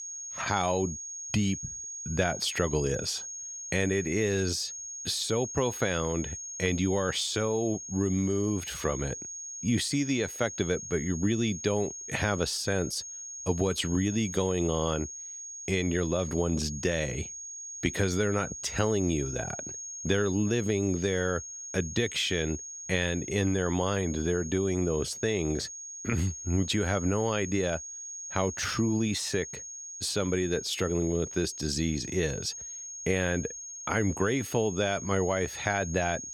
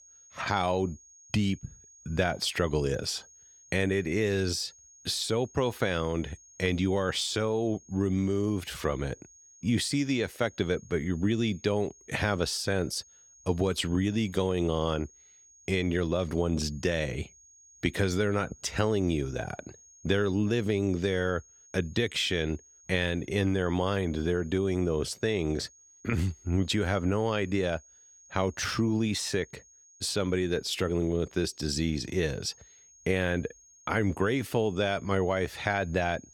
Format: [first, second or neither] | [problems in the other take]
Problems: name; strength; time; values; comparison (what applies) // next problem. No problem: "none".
second | high-pitched whine; loud; throughout; 6.5 kHz, 8 dB below the speech; faint in the second